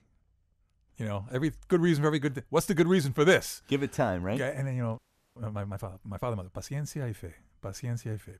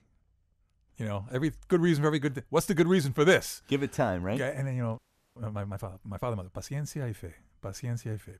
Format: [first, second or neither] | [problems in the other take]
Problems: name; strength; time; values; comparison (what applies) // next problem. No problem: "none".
neither | audio freezing; at 5 s; the same in both